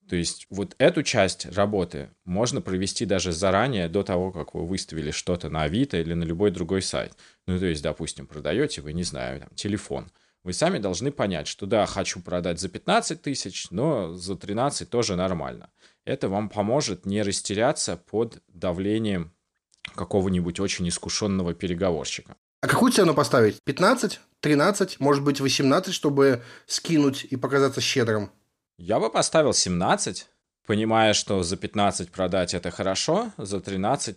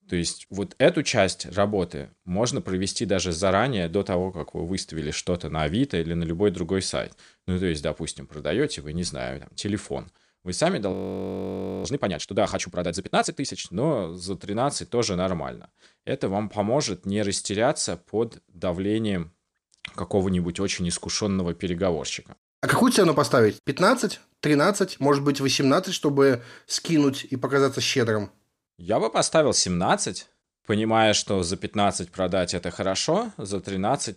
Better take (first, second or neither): first